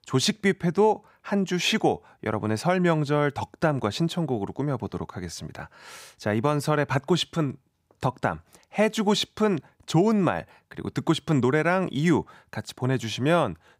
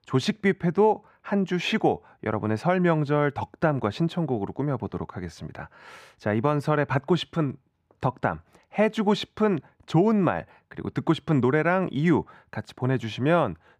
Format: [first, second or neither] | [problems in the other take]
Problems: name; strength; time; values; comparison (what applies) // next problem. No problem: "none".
first | muffled; slightly; fading above 4 kHz